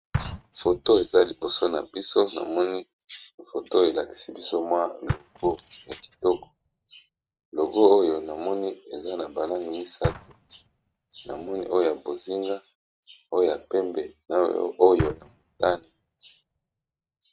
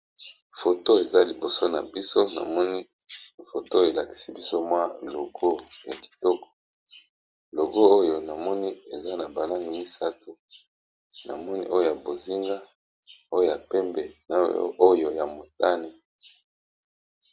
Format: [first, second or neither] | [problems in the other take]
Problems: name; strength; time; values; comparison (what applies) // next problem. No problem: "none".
second | noise reduction (neural mask model RNNoise)